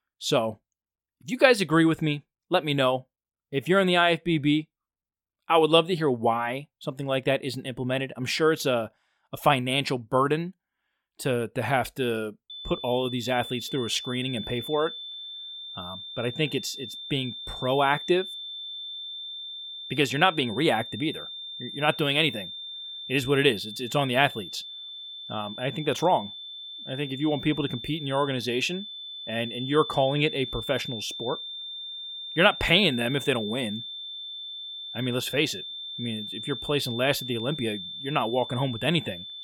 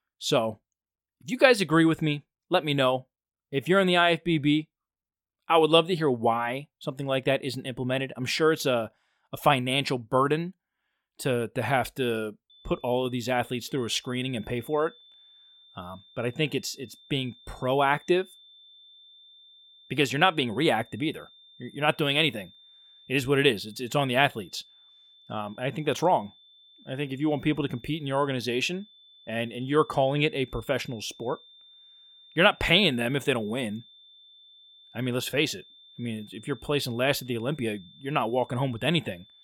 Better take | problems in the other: second | high-pitched whine; loud; from 13 s on; 3.5 kHz, 9 dB below the speech; faint in the second

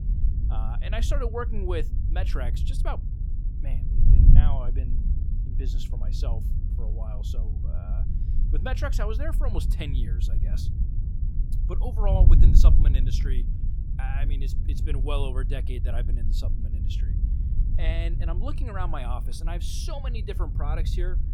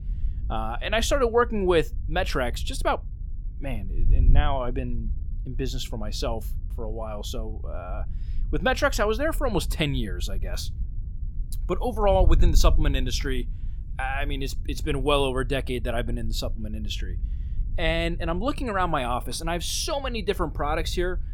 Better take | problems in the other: second | wind noise on the microphone; heavy; 7 dB below the speech; occasional gusts in the second

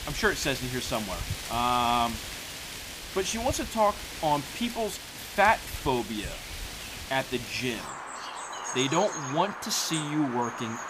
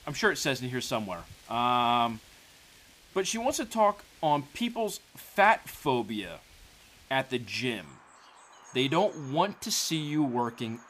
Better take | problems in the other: second | animal sounds; loud; throughout; 8 dB below the speech; faint in the second

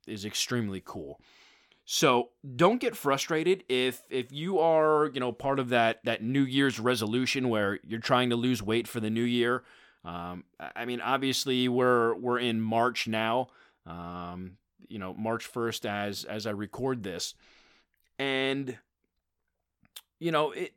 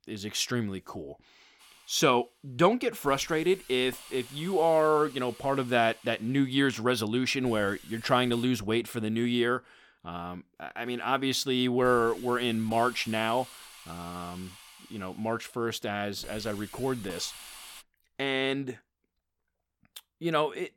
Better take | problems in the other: first | hiss; noticeable; from 1.5 to 8.5 s and from 11 to 18 s; 20 dB below the speech

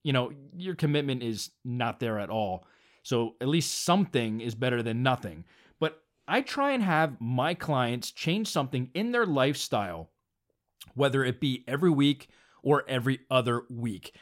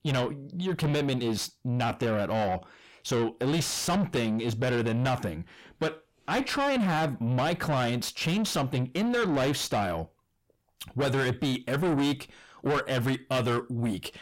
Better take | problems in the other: first | distortion; heavy; 6 dB below the speech

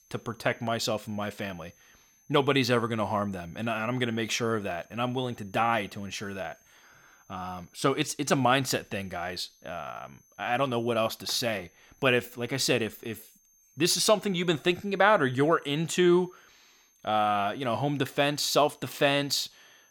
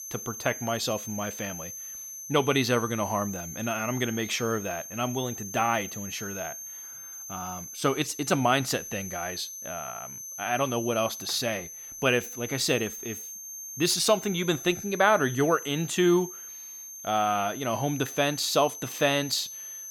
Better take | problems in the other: first | high-pitched whine; loud; throughout; 6 kHz, 10 dB below the speech; faint in the first

